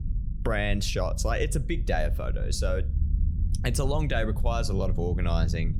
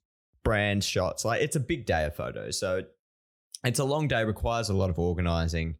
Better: second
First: low rumble; noticeable; throughout; 15 dB below the speech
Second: none

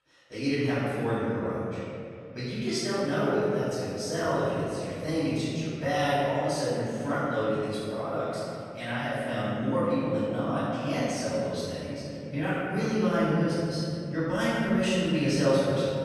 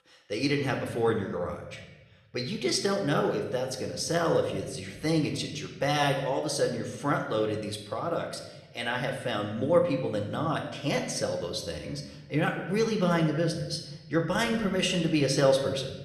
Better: second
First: room echo; strong; dies away in 2.7 s // off-mic speech; far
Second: room echo; slight; dies away in 0.9 s

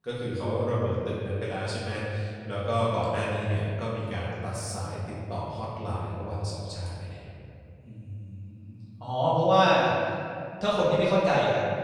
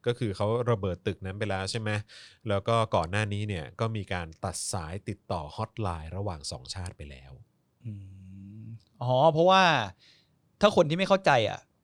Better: second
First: off-mic speech; far // room echo; strong; dies away in 2.3 s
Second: none

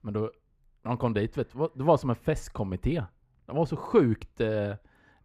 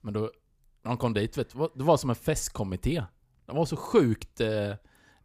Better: second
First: muffled; slightly; fading above 3.5 kHz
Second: none

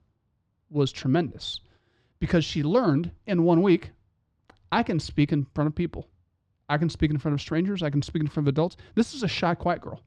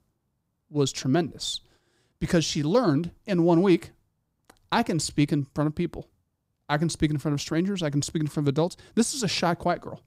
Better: second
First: muffled; very slightly; fading above 3 kHz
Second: none

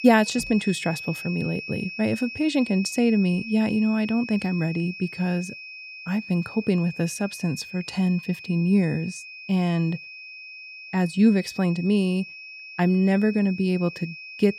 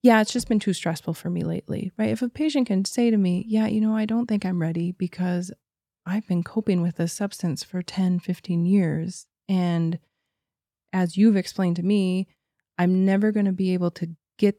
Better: second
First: high-pitched whine; noticeable; throughout; 2.5 kHz, 10 dB below the speech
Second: none

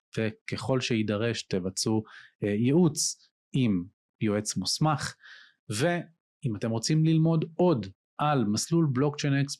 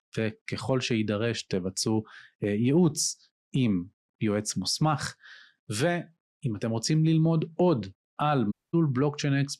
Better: first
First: none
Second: audio cutting out; at 8.5 s

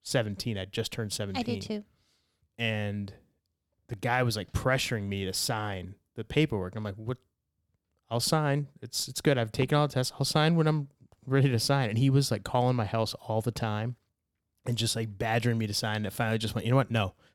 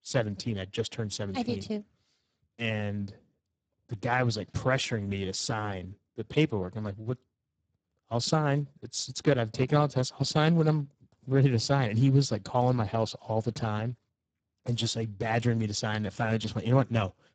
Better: first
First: none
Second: garbled, watery; badly; nothing above 7.5 kHz

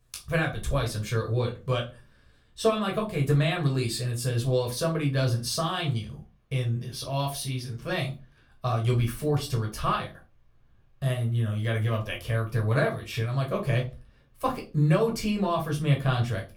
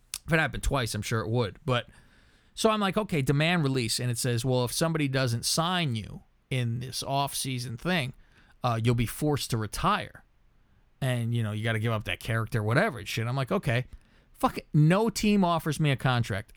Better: second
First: off-mic speech; far // room echo; very slight; dies away in 0.2 s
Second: none

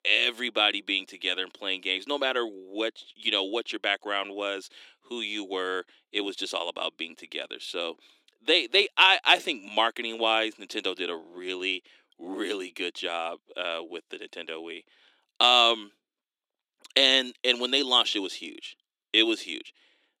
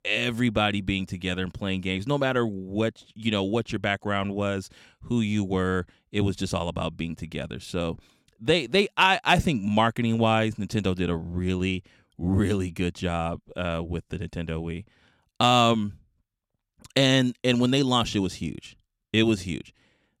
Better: second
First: thin; somewhat; fading below 300 Hz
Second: none

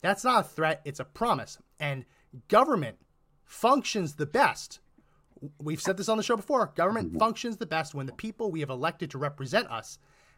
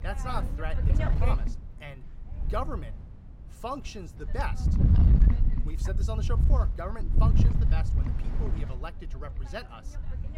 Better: first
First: none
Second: wind noise on the microphone; heavy; 3 dB below the speech

